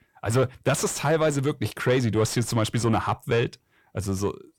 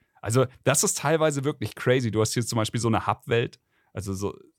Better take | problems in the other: second | distortion; slight; 9 dB below the speech

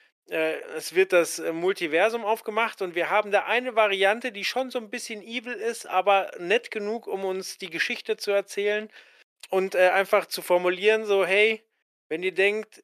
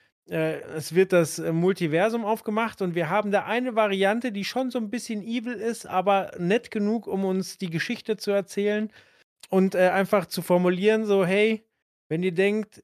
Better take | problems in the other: second | thin; somewhat; fading below 350 Hz

